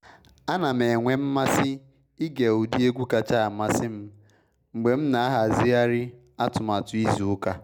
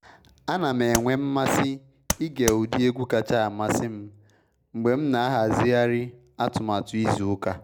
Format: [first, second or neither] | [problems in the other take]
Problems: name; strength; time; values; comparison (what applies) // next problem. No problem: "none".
first | background sound (Tap); 5 dB below the speech